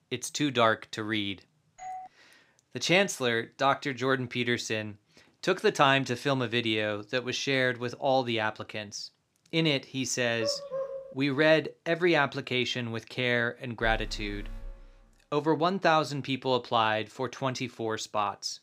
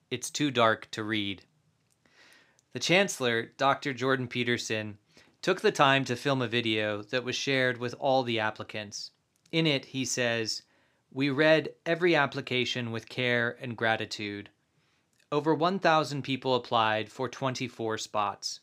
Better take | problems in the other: second | doorbell; faint; at 2 s; peak 15 dB below the speech // dog barking; noticeable; at 10 s; peak 6 dB below the speech // alarm; faint; from 14 to 15 s; peak 15 dB below the speech

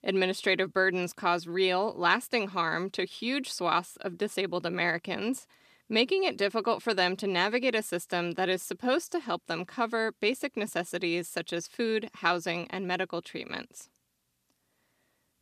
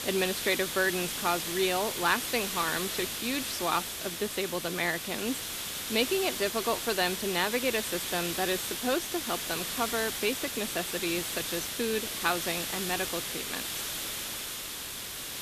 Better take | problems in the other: first | hiss; loud; throughout; 2 dB below the speech

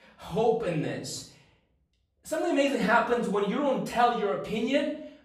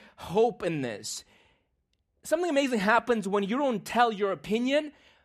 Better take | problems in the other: second | off-mic speech; far // room echo; slight; dies away in 0.5 s

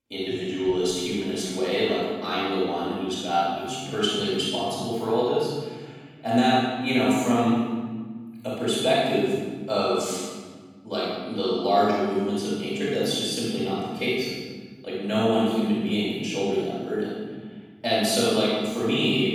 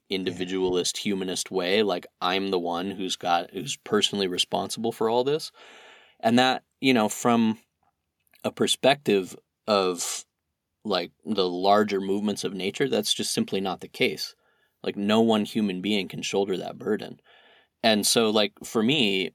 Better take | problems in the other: second | off-mic speech; far // room echo; strong; dies away in 1.8 s

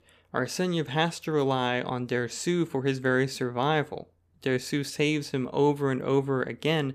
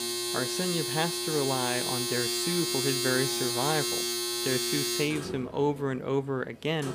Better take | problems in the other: first | household noises; very loud; throughout; 2 dB above the speech

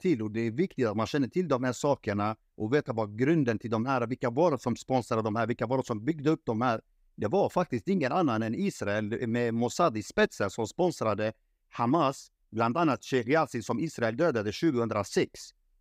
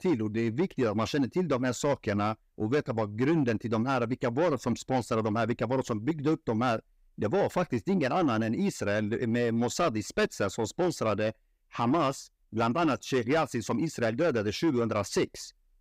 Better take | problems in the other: first | distortion; slight; 10 dB below the speech

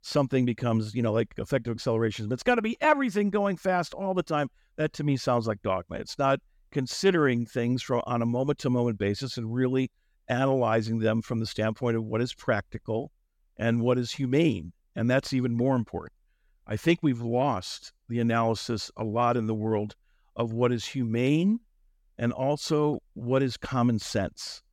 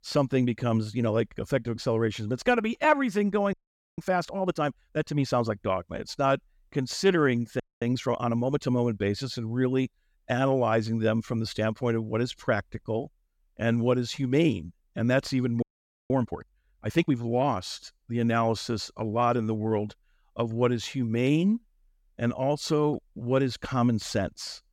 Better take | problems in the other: first | audio freezing; at 3.5 s, at 7.5 s and at 16 s

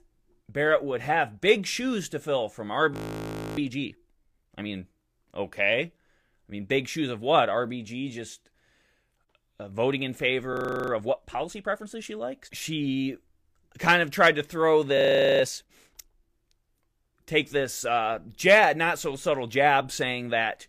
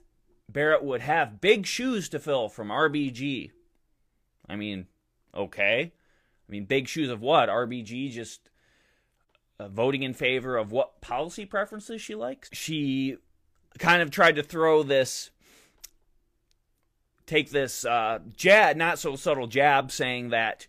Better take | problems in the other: second | audio freezing; at 3 s for 0.5 s, at 11 s and at 15 s

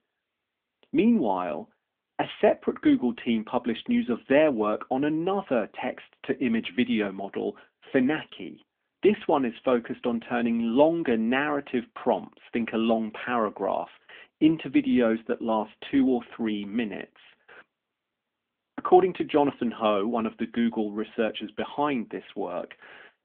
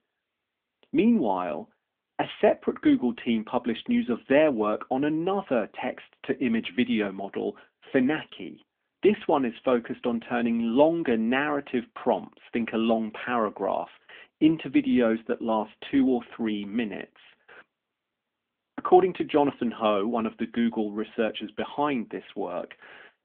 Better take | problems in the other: neither | phone-call audio; nothing above 3.5 kHz; the same in both

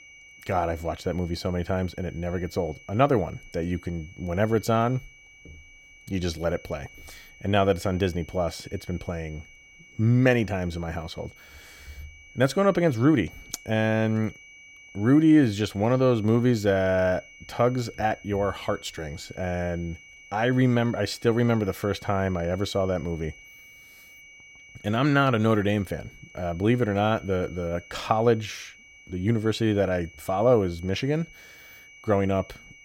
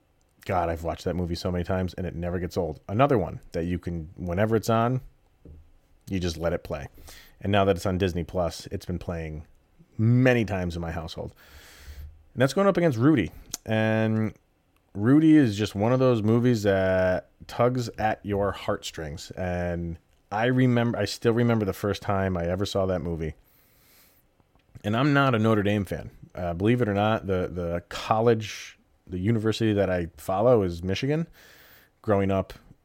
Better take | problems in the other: second | high-pitched whine; faint; throughout; 2.5 kHz, 20 dB below the speech

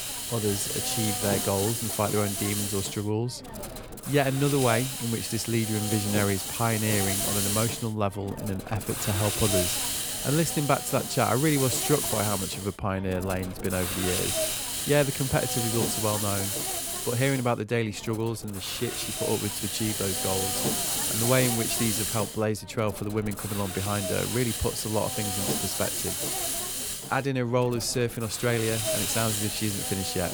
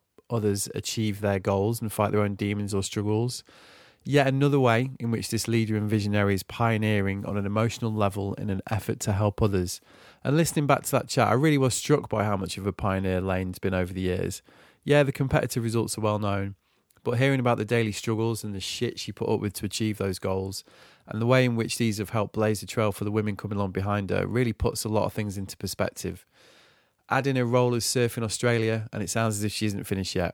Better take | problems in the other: second | hiss; loud; throughout; as loud as the speech

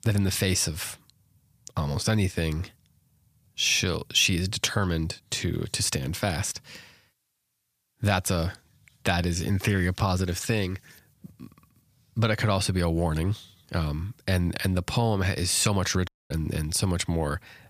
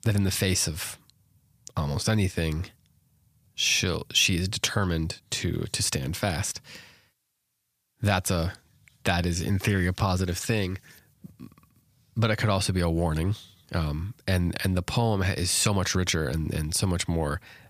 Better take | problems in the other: second | audio cutting out; at 16 s

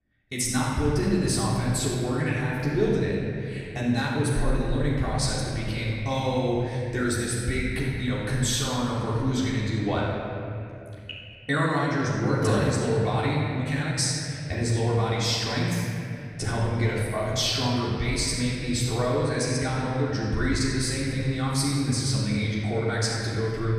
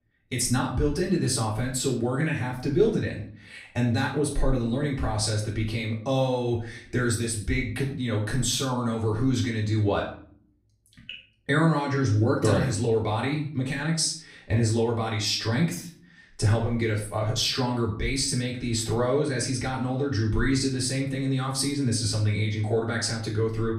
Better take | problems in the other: second | room echo; strong; dies away in 2.7 s; slight in the second // off-mic speech; far; far in the second

